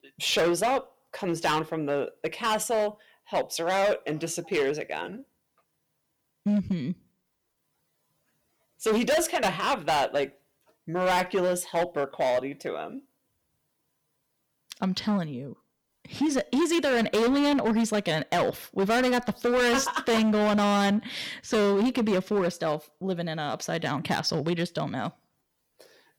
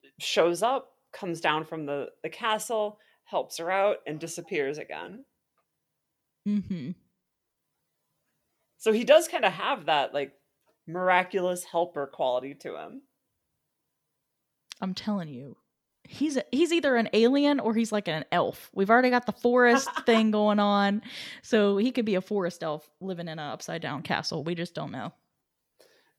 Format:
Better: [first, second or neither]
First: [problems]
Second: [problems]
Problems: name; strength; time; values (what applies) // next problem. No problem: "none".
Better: second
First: distortion; heavy; 12% of the sound clipped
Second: none